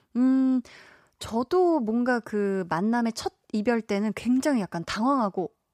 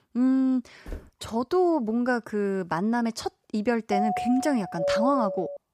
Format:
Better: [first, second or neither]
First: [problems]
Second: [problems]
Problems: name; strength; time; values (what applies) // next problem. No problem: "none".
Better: first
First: none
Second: footsteps; faint; at 1 s; peak 15 dB below the speech // doorbell; loud; from 4 s on; peak level with the speech